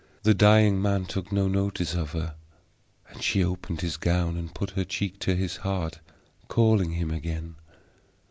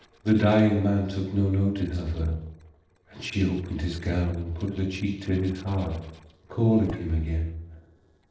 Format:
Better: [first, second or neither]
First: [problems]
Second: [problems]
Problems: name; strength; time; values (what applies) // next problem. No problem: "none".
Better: first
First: none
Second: noise reduction (neural separator model SepFormer DNS4)